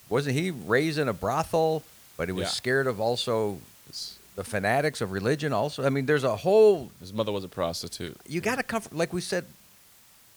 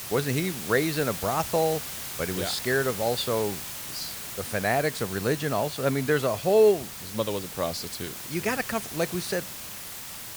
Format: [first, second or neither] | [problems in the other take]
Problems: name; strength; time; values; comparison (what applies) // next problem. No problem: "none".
first | hiss; loud; throughout; 7 dB below the speech; faint in the first